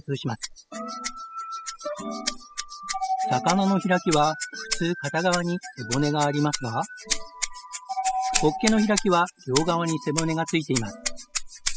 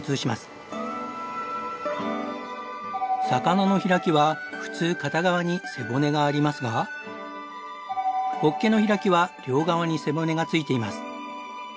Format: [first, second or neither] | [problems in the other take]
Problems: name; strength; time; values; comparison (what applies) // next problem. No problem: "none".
second | noise reduction (classical method spectral subtraction)